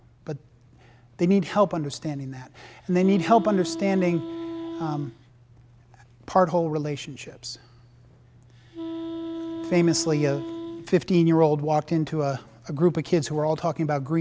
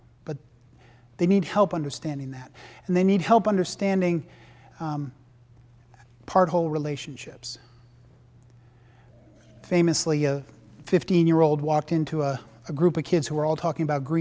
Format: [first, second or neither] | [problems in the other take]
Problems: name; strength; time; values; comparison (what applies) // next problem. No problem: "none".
second | background sound (Wind instrument, woodwind instrument); 9 dB below the speech